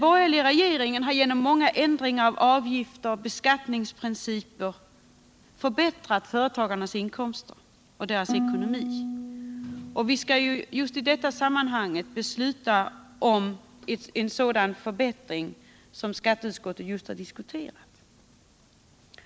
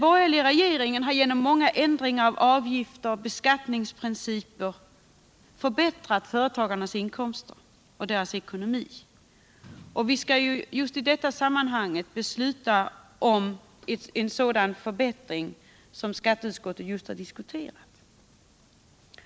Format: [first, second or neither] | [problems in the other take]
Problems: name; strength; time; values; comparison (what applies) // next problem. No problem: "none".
second | background sound (Harp); 14 dB below the speech